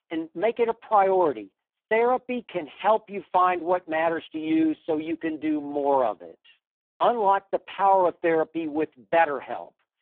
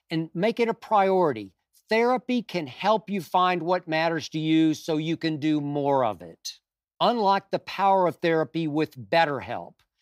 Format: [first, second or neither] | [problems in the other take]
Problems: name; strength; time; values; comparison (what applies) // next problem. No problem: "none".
second | phone-call audio; poor line